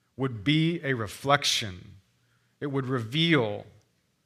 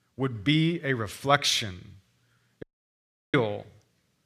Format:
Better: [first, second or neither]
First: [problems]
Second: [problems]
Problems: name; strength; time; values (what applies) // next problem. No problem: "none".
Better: first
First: none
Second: audio cutting out; at 2.5 s for 0.5 s